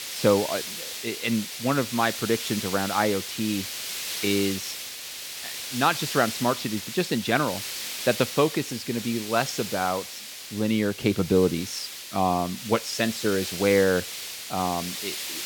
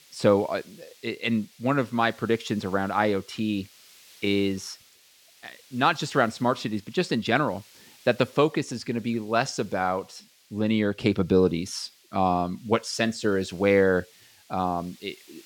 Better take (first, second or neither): second